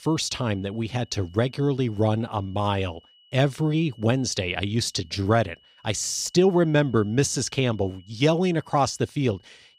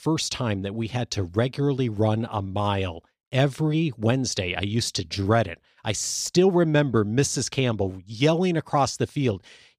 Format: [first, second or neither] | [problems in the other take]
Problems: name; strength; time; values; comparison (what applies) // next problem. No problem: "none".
second | high-pitched whine; faint; throughout; 3 kHz, 30 dB below the speech